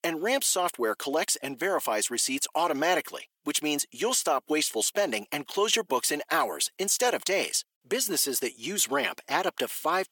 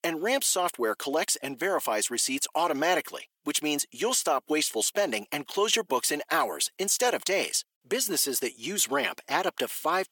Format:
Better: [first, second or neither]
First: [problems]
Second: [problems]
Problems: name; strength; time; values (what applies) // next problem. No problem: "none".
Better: neither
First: thin; somewhat; fading below 300 Hz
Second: thin; somewhat; fading below 300 Hz